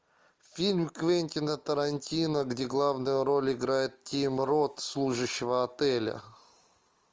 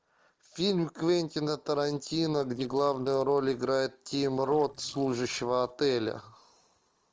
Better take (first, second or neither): first